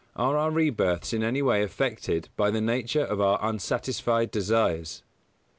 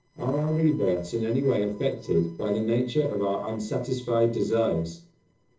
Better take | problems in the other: first | noise reduction (neural separator model SepFormer DNS4)

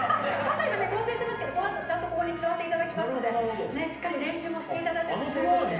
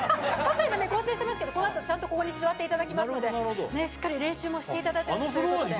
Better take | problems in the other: second | room echo; dies away in 0.8 s

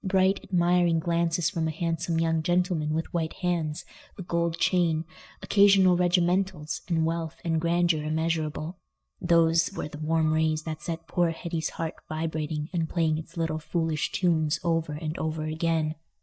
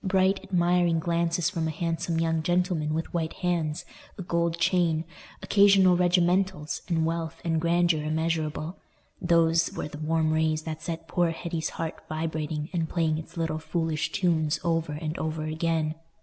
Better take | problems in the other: second | noise reduction (neural mask model DeepFilterNet 3)

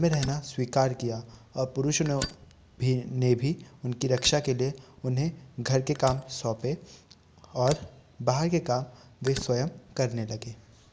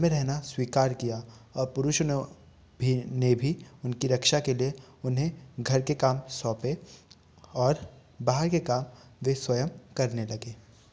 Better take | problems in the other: second | background sound (Fire); 17 dB below the speech

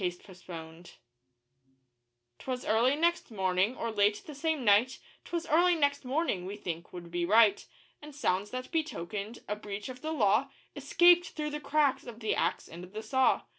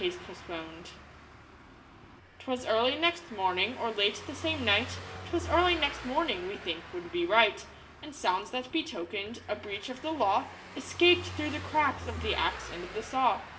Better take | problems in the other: first | background sound (Car passing by / Engine); 13 dB below the speech // room echo; dies away in 0.6 s

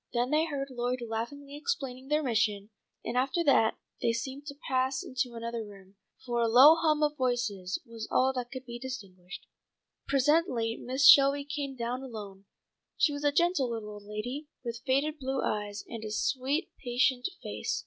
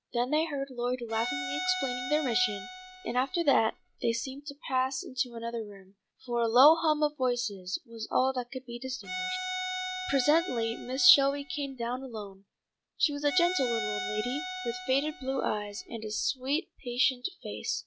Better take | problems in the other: first | background sound (Bowed string instrument); 8 dB below the speech

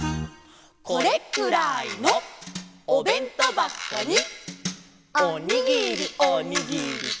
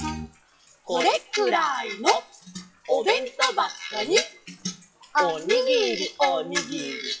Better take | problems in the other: first | noise reduction (classical method WPE with log-MMSE)

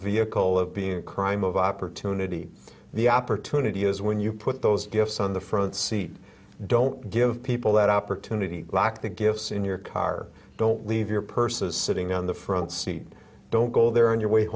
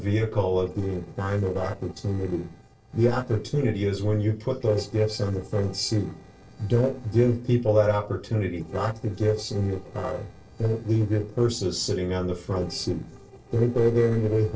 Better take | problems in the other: first | noise reduction (neural separator model SepFormer DNS4)

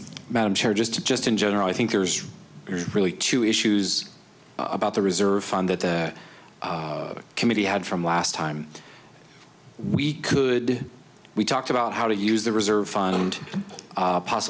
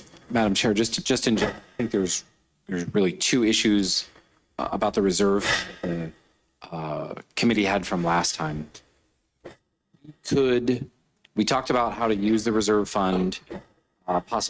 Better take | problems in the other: first | noise reduction (neural mask model RNNoise)

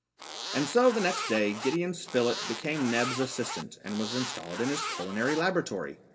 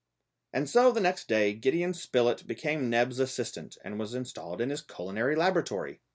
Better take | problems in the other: second | background sound (Zipper (clothing)); 8 dB below the speech // room echo; dies away in 0.6 s

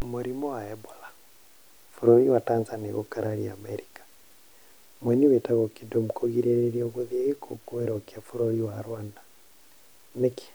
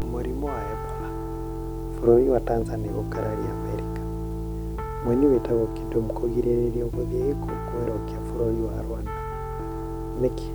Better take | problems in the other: first | background sound (Piano); 3 dB below the speech

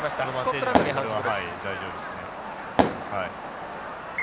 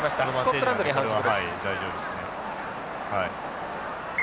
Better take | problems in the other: second | background sound (Fireworks); 2 dB above the speech

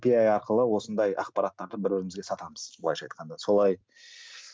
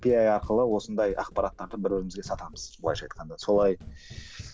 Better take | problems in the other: first | background sound (Run); 16 dB below the speech

